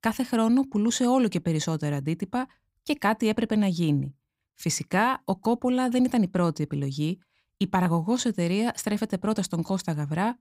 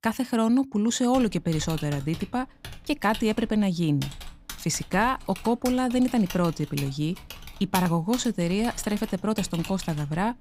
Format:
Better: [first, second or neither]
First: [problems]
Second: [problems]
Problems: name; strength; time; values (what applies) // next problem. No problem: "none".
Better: first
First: none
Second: keyboard typing; noticeable; from 1 s on; peak 9 dB below the speech